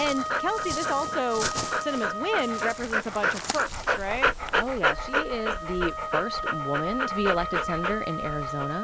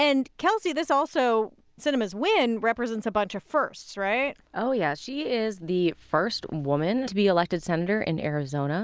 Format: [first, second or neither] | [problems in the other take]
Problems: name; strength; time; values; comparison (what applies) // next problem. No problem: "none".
second | background sound (Dog + Wind instrument, woodwind instrument); 2 dB above the speech